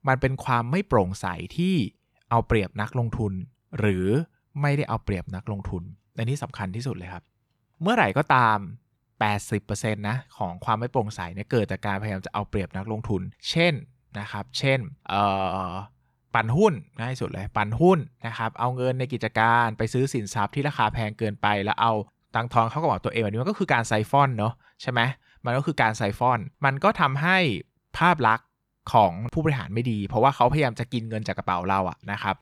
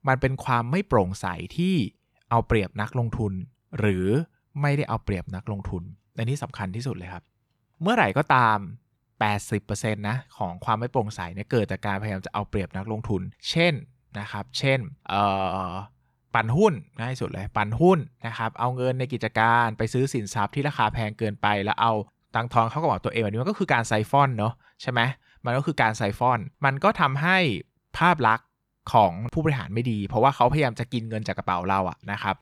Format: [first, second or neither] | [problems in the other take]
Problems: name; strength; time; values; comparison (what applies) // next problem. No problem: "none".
neither | none